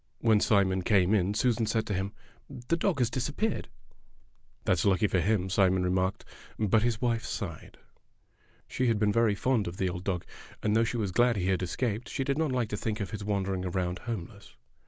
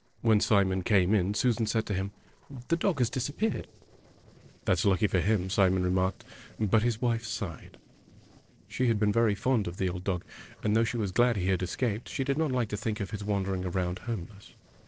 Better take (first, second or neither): first